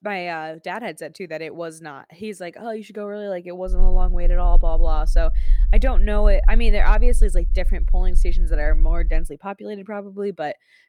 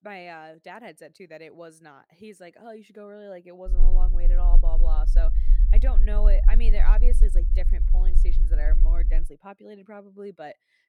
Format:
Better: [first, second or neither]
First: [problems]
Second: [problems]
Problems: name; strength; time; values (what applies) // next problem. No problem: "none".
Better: first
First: low rumble; faint; from 3.5 to 9 s; 20 dB below the speech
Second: low rumble; loud; from 3.5 to 9 s; 9 dB below the speech